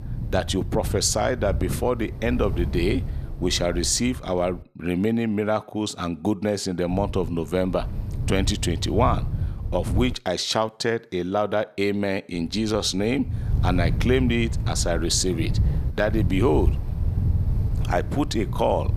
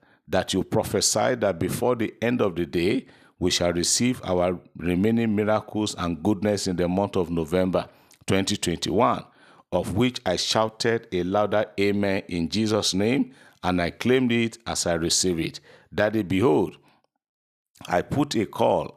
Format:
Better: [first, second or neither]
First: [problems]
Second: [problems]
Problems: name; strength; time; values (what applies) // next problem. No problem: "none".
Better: second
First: wind noise on the microphone; occasional gusts; until 4.5 s, from 7 to 10 s and from 12 s on; 15 dB below the speech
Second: none